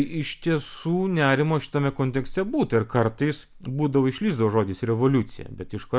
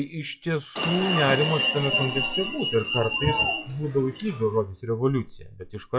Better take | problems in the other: first | noise reduction (classical method WPE with log-MMSE)

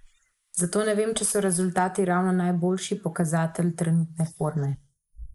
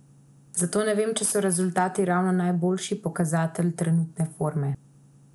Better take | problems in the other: second | noise reduction (neural mask model Resemble Enhance denoiser)

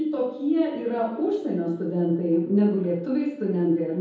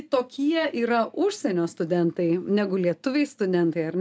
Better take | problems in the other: second | room echo; dies away in 1.9 s

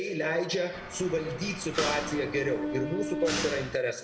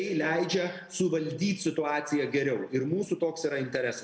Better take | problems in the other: second | background sound (Mechanisms); 4 dB below the speech // room echo; dies away in 0.8 s

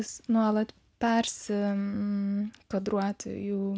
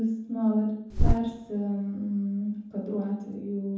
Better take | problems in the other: first | background sound (Bird); 1 dB above the speech // room echo; dies away in 0.9 s

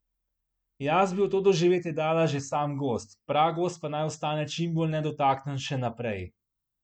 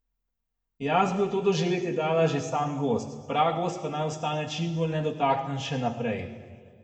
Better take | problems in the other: first | room echo; dies away in 1.4 s

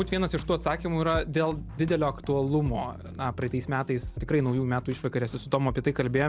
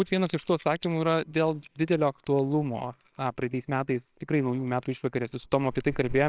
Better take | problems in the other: first | noise reduction (neural separator model SepFormer WHAMR!)

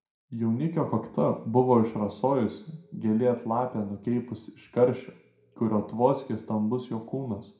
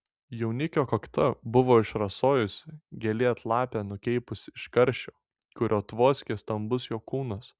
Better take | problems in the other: second | room echo; dies away in 0.5 s

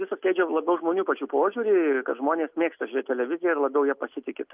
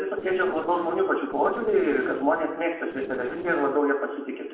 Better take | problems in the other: first | noise reduction (neural separator model SepFormer DNS4)

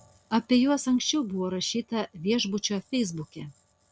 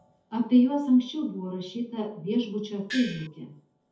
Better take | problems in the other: first | background sound (Gong); 9 dB below the speech // room echo; dies away in 0.5 s

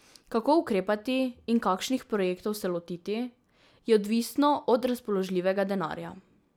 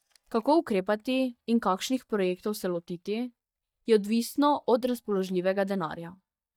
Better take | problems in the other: first | noise reduction (neural mask model DeepFilterNet 3)

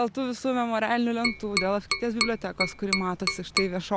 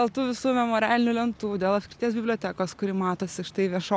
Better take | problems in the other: second | background sound (Tap); 3 dB below the speech

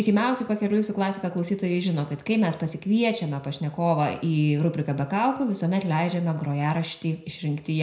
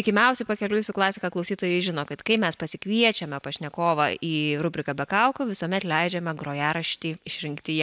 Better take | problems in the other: second | room echo; dies away in 0.5 s

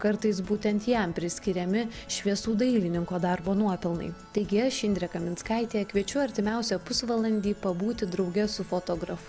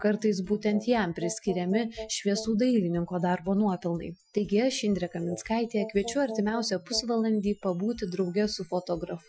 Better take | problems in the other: first | noise reduction (classical method Wiener filter)

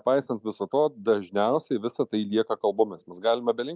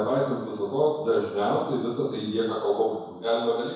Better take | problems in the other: first | room echo; dies away in 1 s

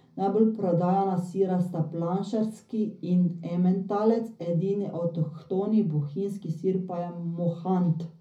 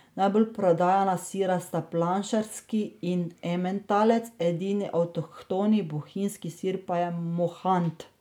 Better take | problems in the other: second | room echo; dies away in 0.4 s

